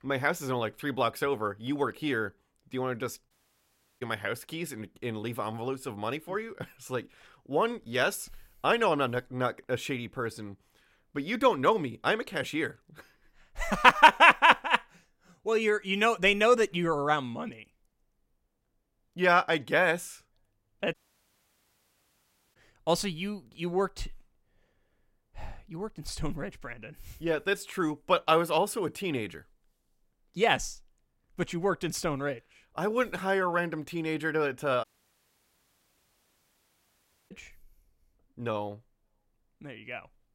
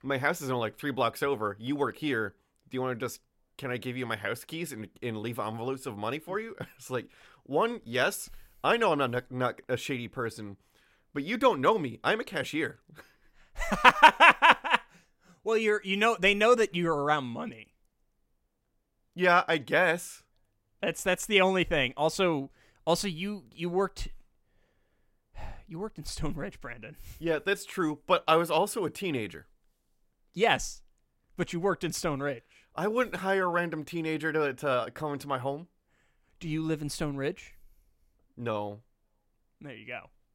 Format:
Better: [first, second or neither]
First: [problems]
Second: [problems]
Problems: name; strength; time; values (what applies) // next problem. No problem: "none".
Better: second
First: audio cutting out; at 3.5 s for 0.5 s, at 21 s for 1.5 s and at 35 s for 2.5 s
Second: none